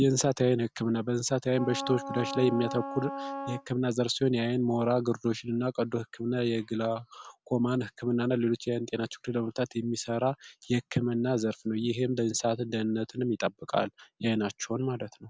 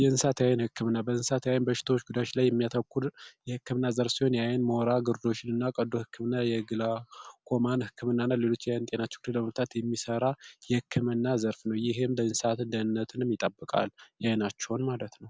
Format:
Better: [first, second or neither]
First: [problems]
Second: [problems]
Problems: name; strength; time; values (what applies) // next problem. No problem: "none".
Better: second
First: background sound (Wind instrument, woodwind instrument); 9 dB below the speech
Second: none